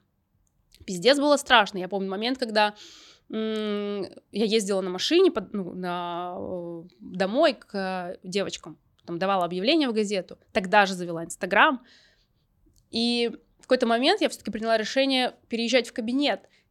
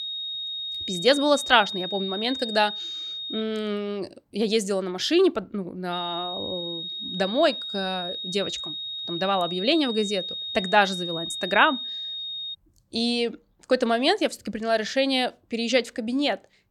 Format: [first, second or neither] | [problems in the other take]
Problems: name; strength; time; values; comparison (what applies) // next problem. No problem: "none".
first | high-pitched whine; loud; until 3.5 s and from 6 to 13 s; 3.5 kHz, 6 dB below the speech